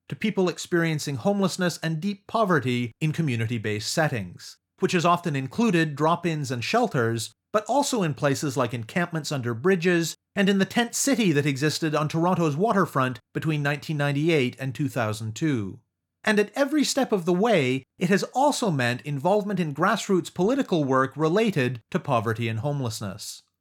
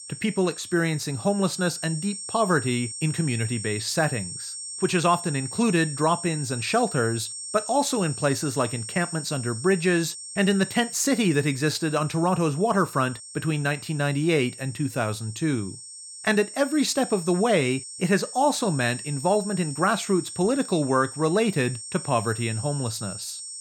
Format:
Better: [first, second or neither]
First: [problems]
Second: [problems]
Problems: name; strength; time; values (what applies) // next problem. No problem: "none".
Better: first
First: none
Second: high-pitched whine; loud; throughout; 8.5 kHz, 10 dB below the speech